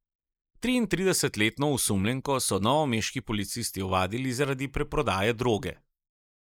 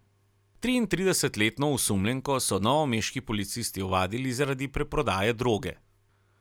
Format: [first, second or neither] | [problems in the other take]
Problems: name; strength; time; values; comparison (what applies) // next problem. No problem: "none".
second | noise reduction (neural mask model Resemble Enhance denoiser)